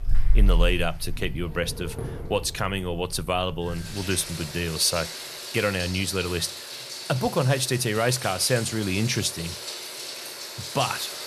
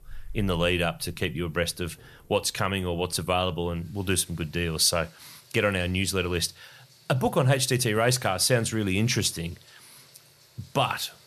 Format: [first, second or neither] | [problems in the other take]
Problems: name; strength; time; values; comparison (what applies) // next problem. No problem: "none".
second | animal sounds; loud; throughout; 6 dB below the speech; faint in the second